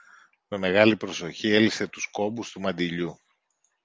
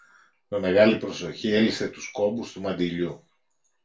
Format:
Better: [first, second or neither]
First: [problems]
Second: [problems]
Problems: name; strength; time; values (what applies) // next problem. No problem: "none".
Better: first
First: none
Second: room echo; dies away in 0.2 s